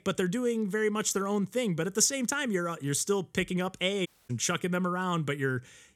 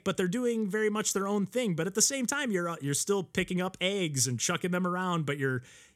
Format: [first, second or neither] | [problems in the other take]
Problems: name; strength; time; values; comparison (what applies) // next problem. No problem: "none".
second | audio cutting out; at 4 s